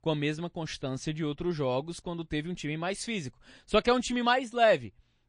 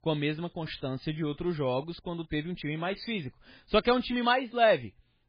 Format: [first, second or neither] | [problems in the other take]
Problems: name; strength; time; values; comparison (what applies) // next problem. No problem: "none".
first | garbled, watery; badly; nothing above 4.5 kHz; slightly in the first